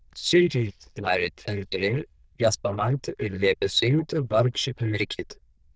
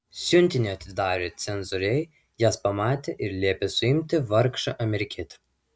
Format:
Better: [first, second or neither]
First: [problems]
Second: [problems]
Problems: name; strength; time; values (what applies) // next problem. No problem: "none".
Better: second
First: noise reduction (neural diffusion model UNIVERSE++)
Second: none